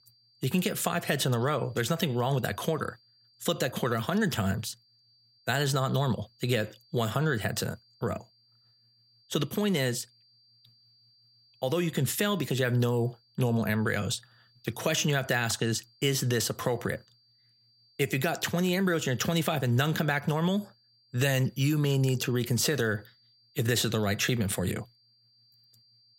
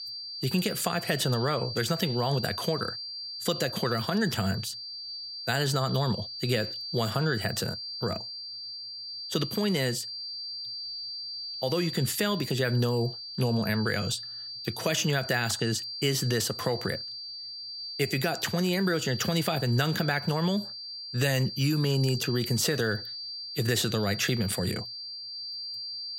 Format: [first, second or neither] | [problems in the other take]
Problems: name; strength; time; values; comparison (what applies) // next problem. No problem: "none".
first | high-pitched whine; loud; throughout; 4.5 kHz, 7 dB below the speech; faint in the first